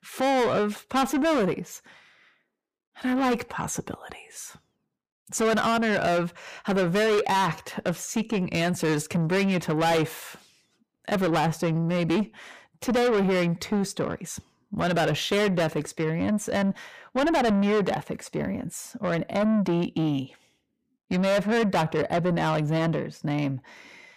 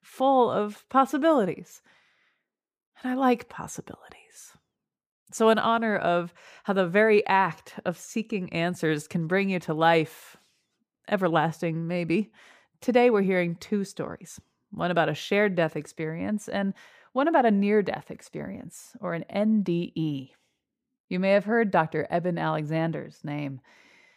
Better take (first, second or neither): second